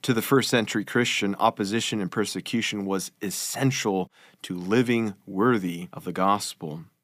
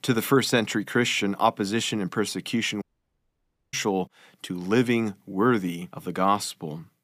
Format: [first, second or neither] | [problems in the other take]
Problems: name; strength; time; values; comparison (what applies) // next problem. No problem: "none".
first | audio cutting out; at 3 s for 1 s